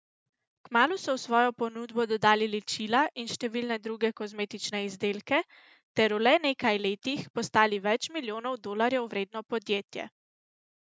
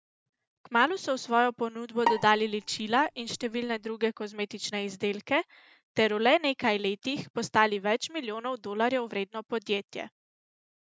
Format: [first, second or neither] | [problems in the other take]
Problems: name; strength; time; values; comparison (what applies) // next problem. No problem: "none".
first | background sound (Bowed string instrument); 7 dB below the speech